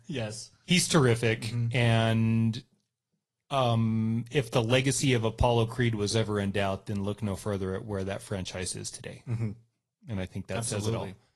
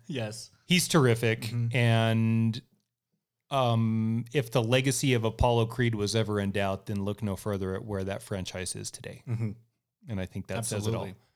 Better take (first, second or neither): second